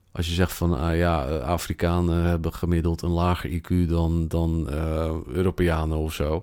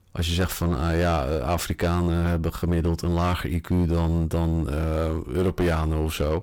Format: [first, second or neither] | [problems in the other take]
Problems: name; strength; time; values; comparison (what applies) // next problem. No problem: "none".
first | distortion; slight; 13% of the sound clipped